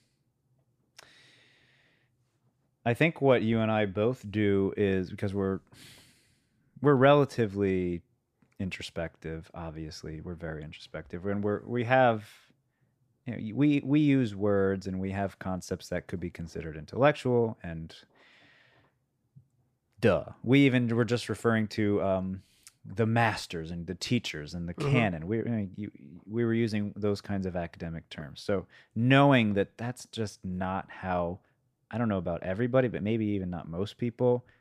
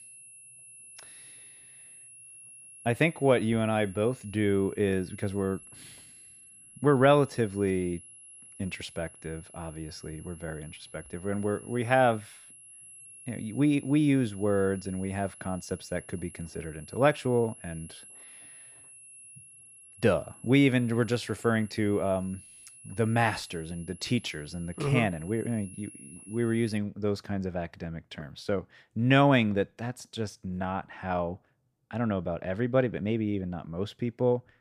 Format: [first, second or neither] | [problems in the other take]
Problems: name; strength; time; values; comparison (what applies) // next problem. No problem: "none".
first | high-pitched whine; noticeable; until 27 s; 11 kHz, 20 dB below the speech